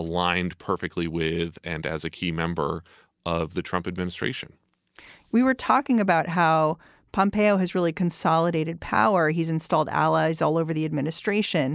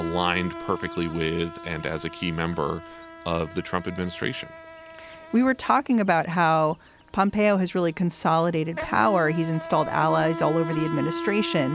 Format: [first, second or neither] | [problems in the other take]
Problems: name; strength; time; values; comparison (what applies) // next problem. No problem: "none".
first | background sound (Insect); 12 dB below the speech